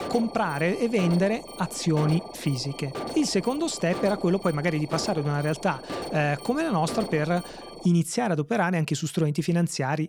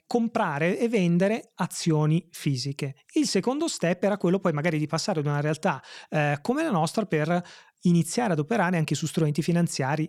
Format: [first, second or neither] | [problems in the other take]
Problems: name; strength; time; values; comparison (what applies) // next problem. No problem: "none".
second | alarm; noticeable; until 8 s; peak 8 dB below the speech